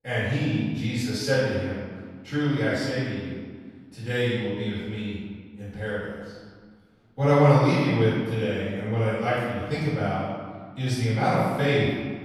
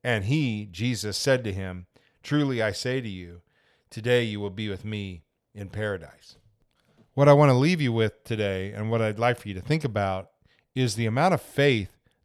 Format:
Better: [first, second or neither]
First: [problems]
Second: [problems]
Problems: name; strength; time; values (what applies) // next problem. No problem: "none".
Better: second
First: room echo; strong; dies away in 1.6 s // off-mic speech; far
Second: none